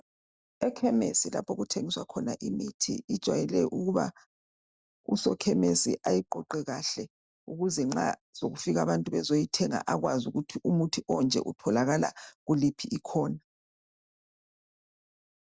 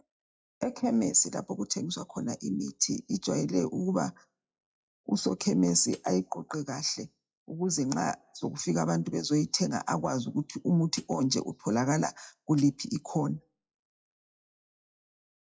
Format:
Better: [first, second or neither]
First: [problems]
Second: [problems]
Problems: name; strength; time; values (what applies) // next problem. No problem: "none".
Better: first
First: none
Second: noise reduction (classical method WPE with log-MMSE)